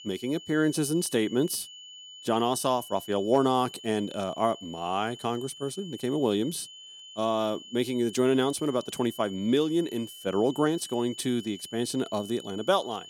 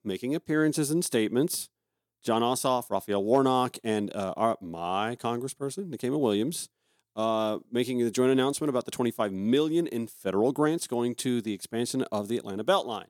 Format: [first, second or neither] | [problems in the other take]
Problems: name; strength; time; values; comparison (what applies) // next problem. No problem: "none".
second | high-pitched whine; noticeable; throughout; 3 kHz, 15 dB below the speech